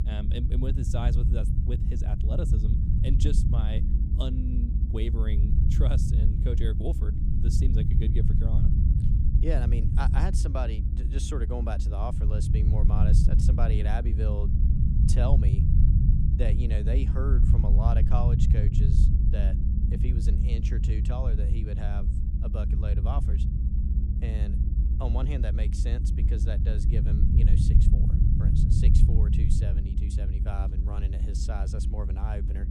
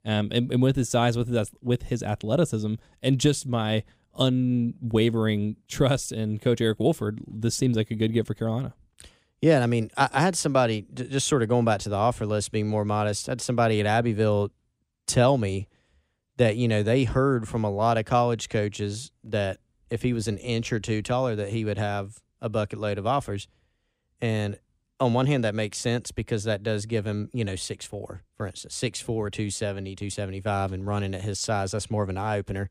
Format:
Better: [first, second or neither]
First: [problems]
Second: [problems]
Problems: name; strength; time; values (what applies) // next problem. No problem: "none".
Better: second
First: low rumble; loud; throughout; 1 dB below the speech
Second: none